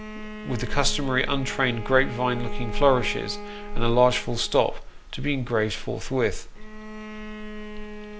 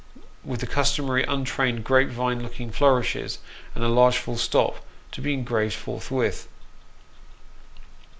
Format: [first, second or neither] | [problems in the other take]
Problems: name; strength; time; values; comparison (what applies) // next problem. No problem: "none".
second | background sound (Bowed string instrument); 14 dB below the speech